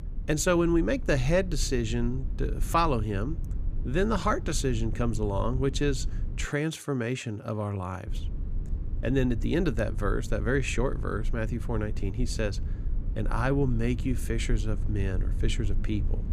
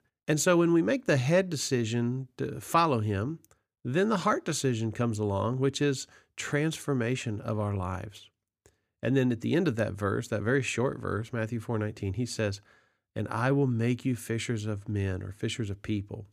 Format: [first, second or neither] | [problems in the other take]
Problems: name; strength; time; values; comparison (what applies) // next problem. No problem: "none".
second | low rumble; noticeable; until 6.5 s and from 8 s on; 20 dB below the speech